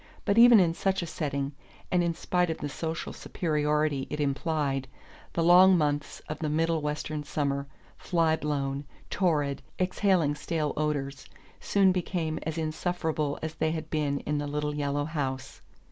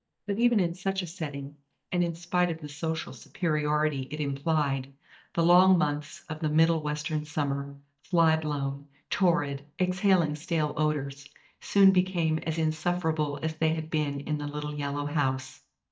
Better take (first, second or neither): first